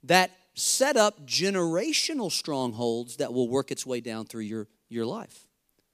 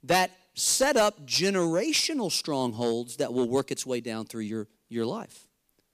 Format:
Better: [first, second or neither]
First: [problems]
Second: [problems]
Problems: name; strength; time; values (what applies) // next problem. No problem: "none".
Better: first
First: none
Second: distortion; slight; 2% of the sound clipped